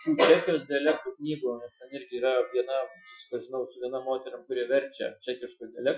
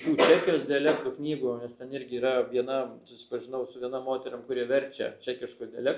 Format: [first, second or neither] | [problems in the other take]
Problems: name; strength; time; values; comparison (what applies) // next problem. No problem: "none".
second | noise reduction (classical method Wiener filter)